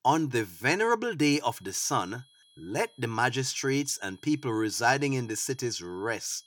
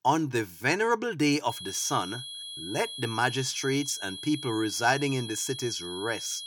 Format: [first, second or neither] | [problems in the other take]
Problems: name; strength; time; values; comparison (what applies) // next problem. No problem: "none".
first | high-pitched whine; loud; from 1.5 s on; 3.5 kHz, 9 dB below the speech; faint in the first